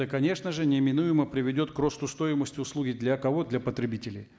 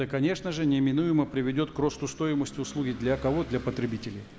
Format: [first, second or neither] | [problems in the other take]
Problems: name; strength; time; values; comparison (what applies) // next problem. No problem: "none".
first | background sound (Engine / Vehicle); 17 dB below the speech